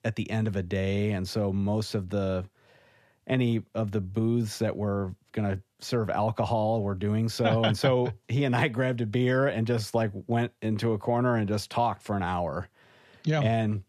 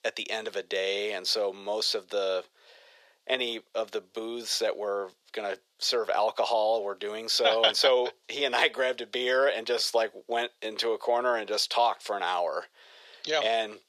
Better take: first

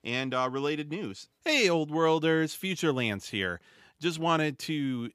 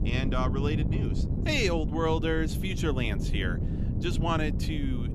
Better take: first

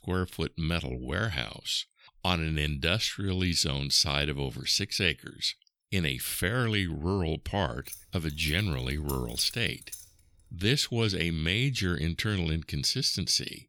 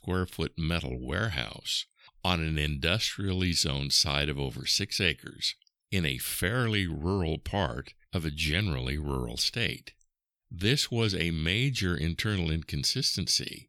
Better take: second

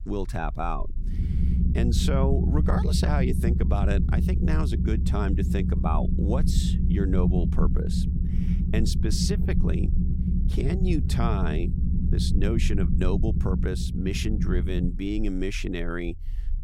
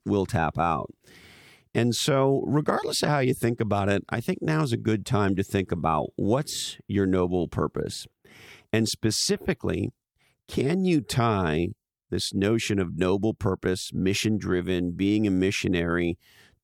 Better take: second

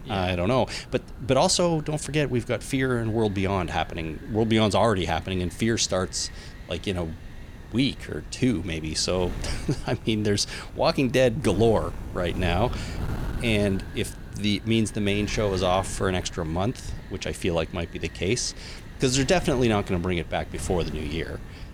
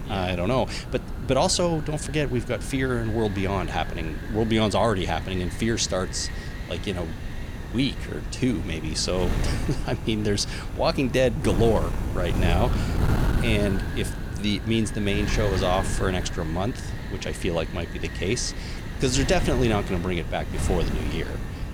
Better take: first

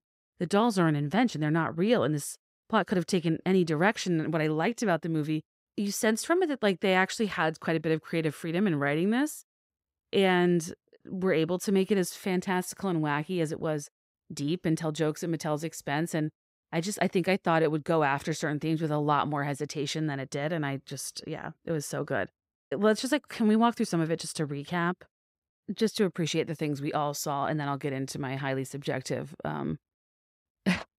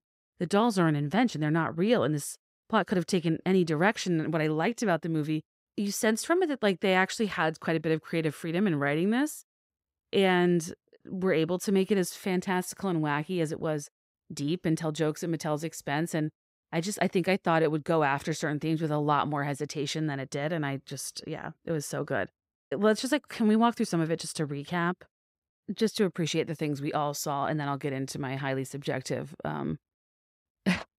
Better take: neither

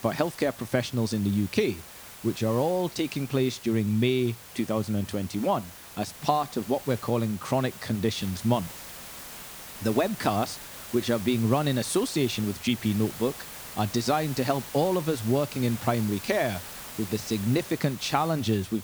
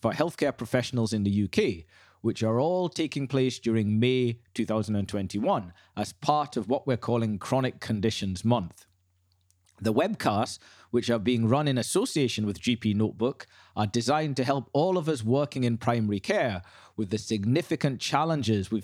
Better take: second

